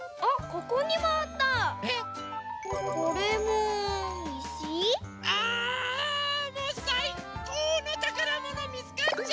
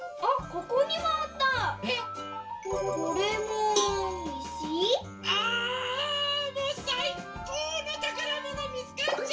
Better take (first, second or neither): first